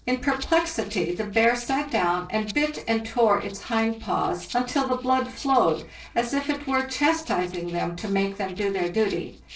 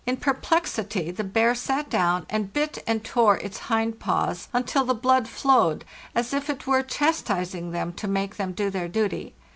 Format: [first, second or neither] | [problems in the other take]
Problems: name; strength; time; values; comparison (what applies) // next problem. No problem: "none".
second | noise reduction (neural separator model SepFormer DNS4)